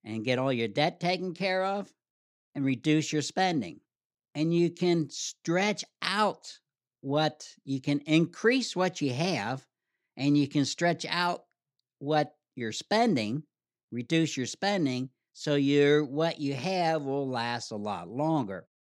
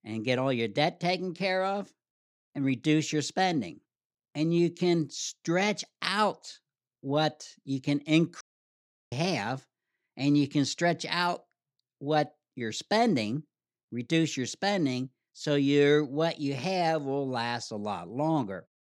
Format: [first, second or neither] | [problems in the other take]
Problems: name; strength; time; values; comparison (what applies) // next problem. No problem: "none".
first | audio cutting out; at 8.5 s for 0.5 s